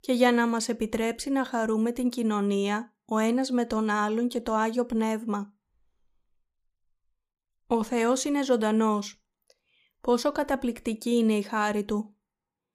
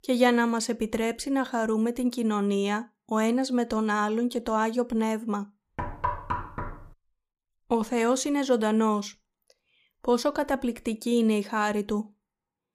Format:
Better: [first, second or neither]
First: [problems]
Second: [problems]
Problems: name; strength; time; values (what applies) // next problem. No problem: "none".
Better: first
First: none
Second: door banging; noticeable; at 6 s; peak 4 dB below the speech